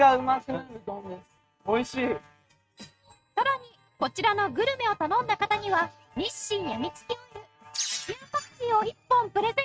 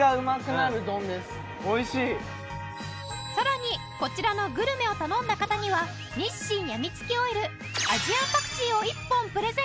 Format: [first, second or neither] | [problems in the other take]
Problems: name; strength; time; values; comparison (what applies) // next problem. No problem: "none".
second | noise reduction (neural mask model RNNoise)